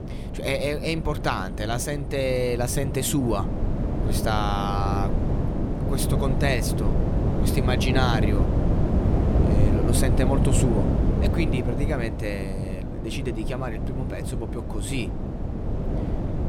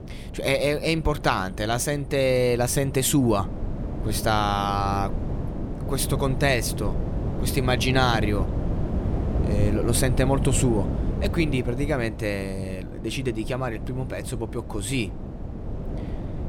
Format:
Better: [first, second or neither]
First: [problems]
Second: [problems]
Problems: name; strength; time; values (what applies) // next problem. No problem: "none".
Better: second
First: wind noise on the microphone; heavy; 4 dB below the speech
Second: wind noise on the microphone; occasional gusts; 10 dB below the speech